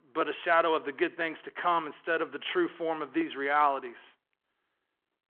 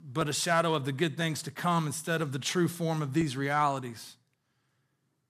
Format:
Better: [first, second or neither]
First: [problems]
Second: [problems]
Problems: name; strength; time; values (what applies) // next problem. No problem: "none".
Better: second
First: phone-call audio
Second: none